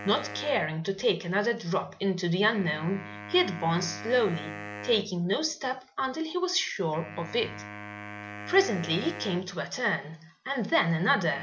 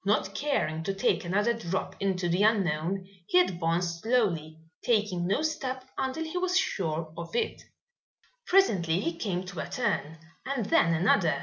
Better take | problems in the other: second | background sound (Wind instrument, woodwind instrument); 14 dB below the speech

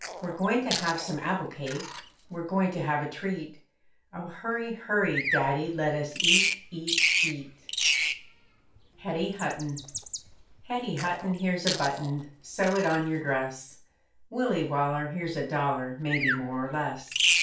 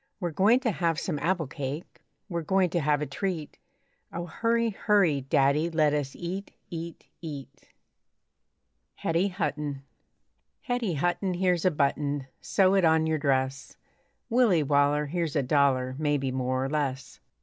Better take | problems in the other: second | background sound (Bird vocalization, bird call, bird song); 2 dB below the speech // room echo; dies away in 0.3 s

